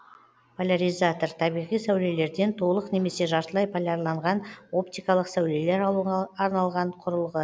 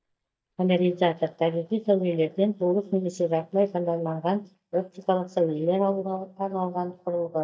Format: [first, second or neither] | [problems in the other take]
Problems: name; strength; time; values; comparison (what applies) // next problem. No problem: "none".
first | noise reduction (neural mask model DeepFilterNet 3)